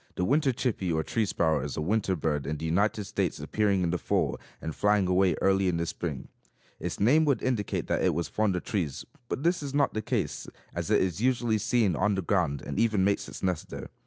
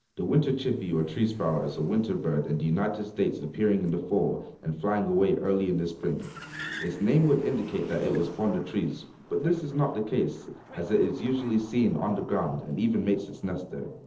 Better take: first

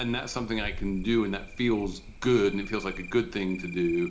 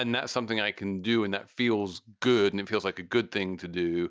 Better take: second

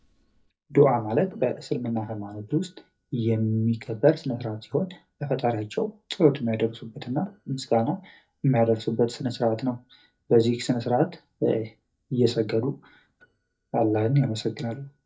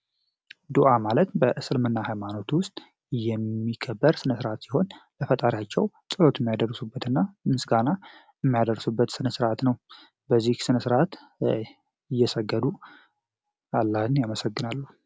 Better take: second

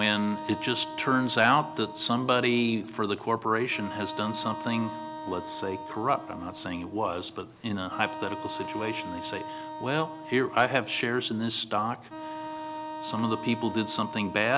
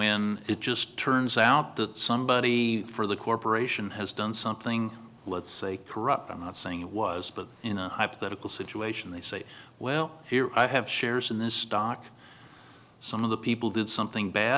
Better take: second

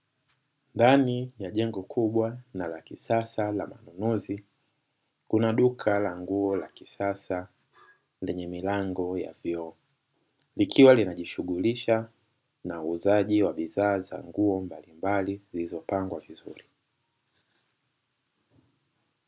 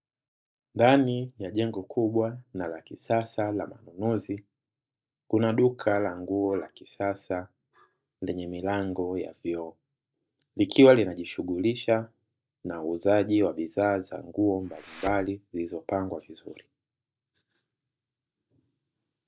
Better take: first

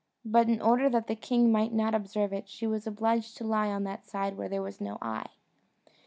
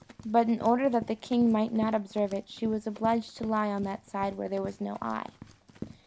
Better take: first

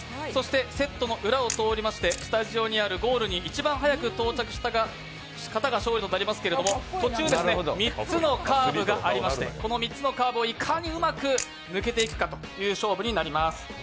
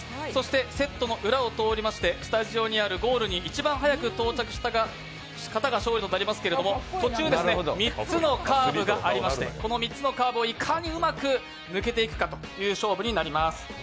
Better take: second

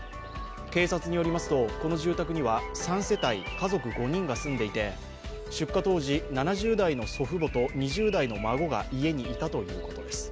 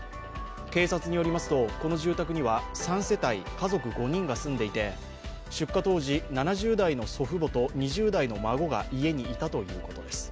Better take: second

